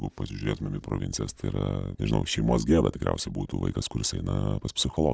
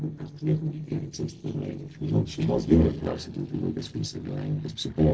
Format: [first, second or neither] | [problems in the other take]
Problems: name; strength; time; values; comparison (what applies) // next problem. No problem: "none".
first | noise reduction (neural separator model SepFormer DNS4)